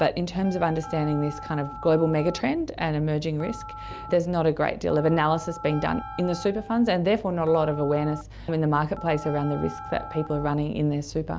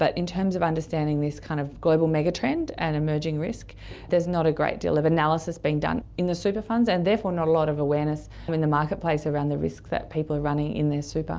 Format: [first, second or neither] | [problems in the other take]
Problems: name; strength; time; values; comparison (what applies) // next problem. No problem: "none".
second | background sound (Telephone + Wind instrument, woodwind instrument); 16 dB below the speech